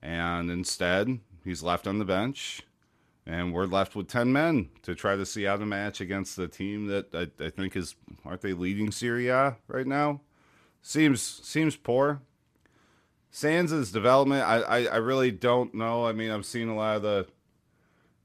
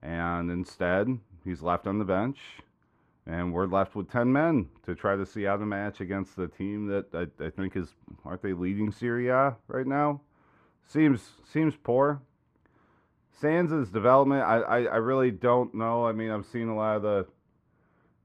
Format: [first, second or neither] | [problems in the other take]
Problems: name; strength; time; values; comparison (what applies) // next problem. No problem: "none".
first | muffled; very; fading above 3 kHz